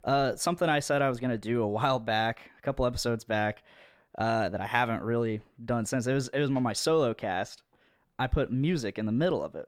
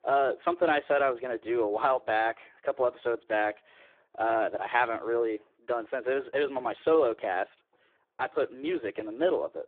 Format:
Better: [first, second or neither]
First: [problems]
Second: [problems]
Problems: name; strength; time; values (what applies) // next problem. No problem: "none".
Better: first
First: none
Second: phone-call audio; poor line